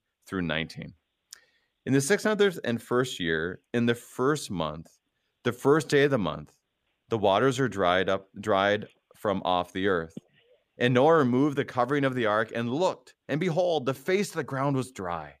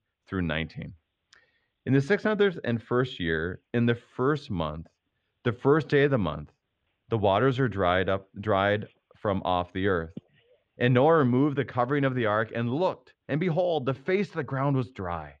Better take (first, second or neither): first